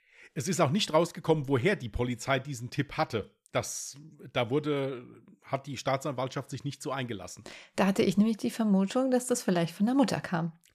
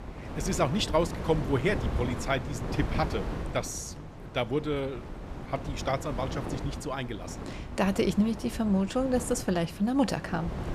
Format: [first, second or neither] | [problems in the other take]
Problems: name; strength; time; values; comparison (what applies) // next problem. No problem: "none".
first | wind noise on the microphone; heavy; 10 dB below the speech